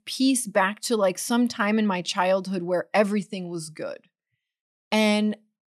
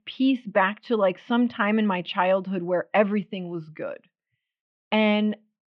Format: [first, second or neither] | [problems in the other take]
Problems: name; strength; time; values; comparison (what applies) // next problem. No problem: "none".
first | muffled; very; fading above 3 kHz